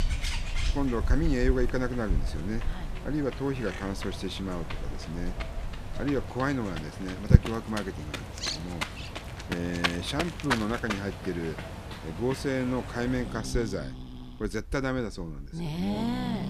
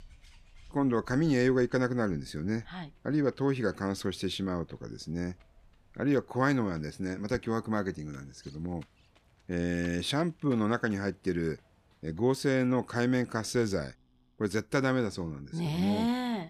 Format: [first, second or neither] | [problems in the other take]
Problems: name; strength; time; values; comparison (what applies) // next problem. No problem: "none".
second | animal sounds; loud; throughout; 2 dB below the speech; faint in the second